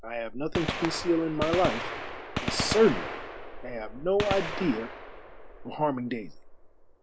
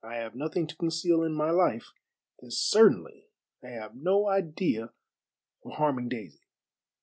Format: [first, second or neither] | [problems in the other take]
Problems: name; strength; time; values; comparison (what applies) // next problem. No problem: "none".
second | background sound (Gunshot, gunfire); 5 dB below the speech